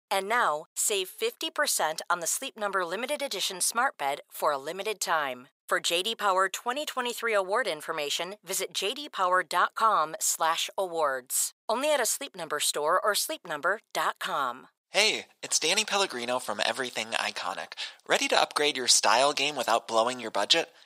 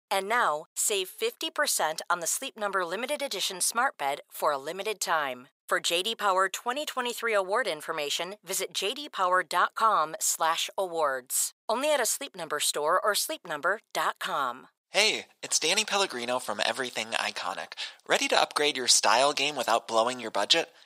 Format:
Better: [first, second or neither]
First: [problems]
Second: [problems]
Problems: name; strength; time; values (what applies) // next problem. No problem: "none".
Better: neither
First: thin; very; fading below 800 Hz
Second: thin; very; fading below 800 Hz